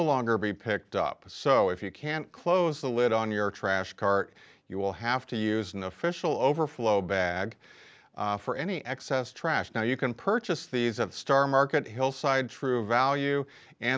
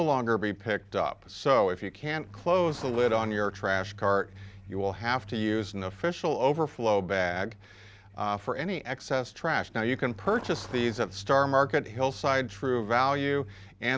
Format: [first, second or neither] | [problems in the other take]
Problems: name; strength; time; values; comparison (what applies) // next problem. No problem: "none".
first | background sound (Truck); 18 dB below the speech